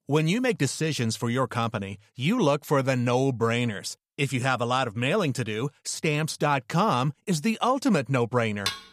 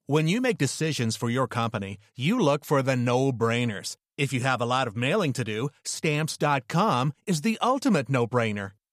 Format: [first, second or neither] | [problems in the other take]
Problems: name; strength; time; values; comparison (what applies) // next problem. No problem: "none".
second | clattering dishes; very faint; at 8.5 s; peak 5 dB below the speech